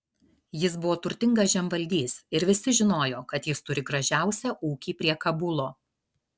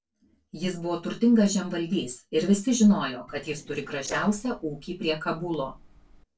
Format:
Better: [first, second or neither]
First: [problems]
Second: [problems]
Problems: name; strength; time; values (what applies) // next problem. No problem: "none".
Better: first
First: none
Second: noise reduction (neural separator model SepFormer DNS4)